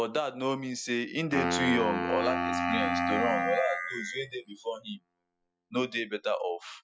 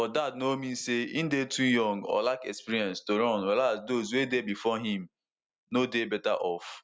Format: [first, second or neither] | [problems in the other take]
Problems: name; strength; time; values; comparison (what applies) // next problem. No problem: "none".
second | noise reduction (classical method Wiener filter)